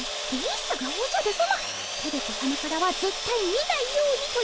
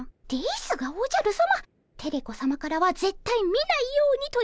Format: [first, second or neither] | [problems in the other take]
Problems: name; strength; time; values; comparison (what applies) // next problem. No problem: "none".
second | background sound (Sawing); 4 dB below the speech